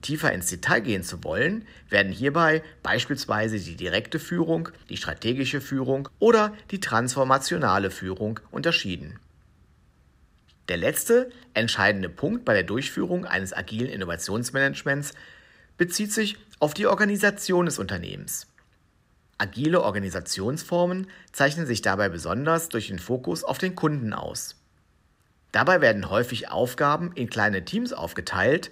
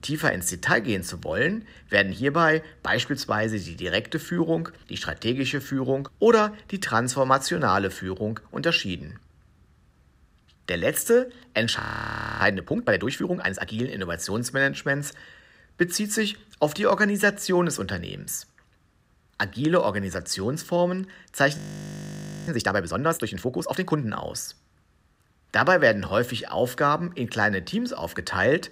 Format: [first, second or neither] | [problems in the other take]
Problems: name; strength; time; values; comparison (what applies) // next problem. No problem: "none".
first | audio freezing; at 12 s for 0.5 s and at 22 s for 1 s